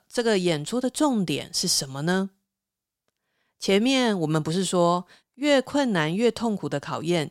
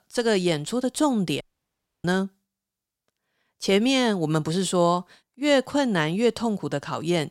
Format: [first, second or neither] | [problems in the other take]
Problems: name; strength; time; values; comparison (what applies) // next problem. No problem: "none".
first | audio cutting out; at 1.5 s for 0.5 s